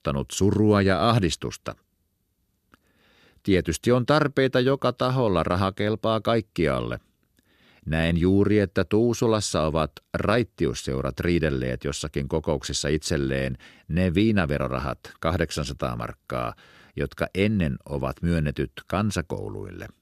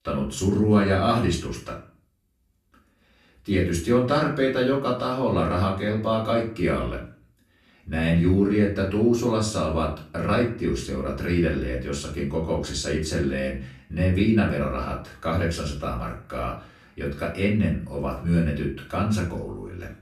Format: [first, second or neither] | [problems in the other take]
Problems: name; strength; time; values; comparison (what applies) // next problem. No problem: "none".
first | off-mic speech; far // room echo; slight; dies away in 0.4 s